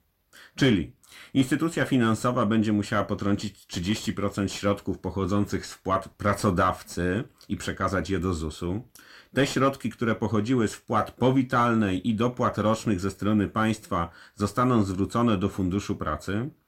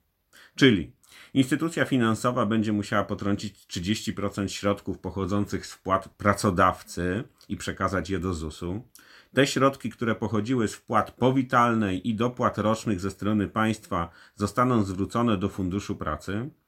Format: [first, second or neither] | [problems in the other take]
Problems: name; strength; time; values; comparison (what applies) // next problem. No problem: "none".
second | distortion; slight; 10 dB below the speech